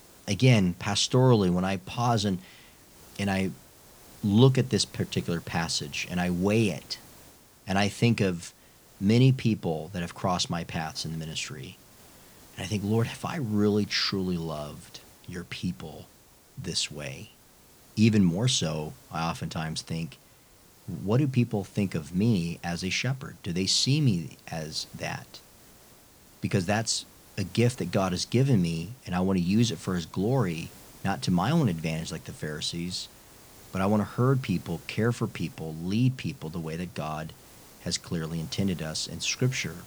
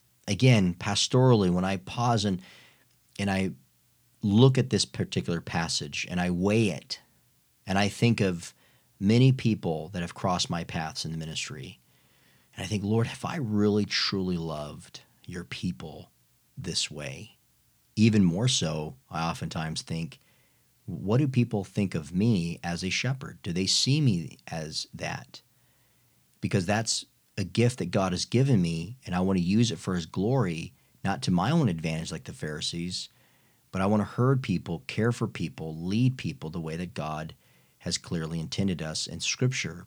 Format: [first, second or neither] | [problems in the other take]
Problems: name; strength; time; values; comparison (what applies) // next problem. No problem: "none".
second | hiss; faint; throughout; 25 dB below the speech